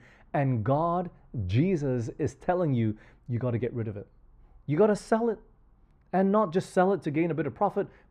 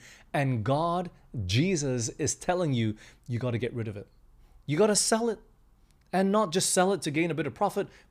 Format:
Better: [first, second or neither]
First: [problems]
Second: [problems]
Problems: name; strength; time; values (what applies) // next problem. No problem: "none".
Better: second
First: muffled; very; fading above 3 kHz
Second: none